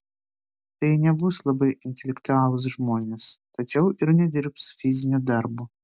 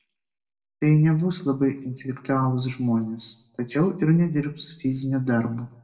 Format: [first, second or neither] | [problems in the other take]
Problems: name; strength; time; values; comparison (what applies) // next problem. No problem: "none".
first | room echo; dies away in 0.5 s